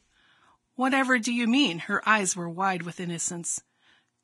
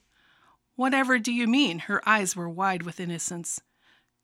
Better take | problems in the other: second | garbled, watery; badly; nothing above 10.5 kHz

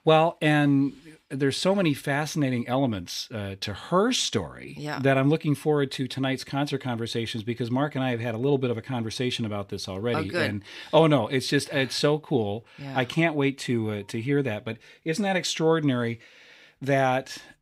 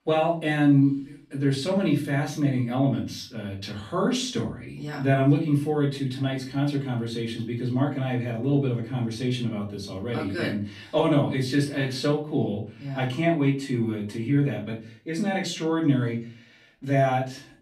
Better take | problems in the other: first | off-mic speech; far // room echo; slight; dies away in 0.4 s

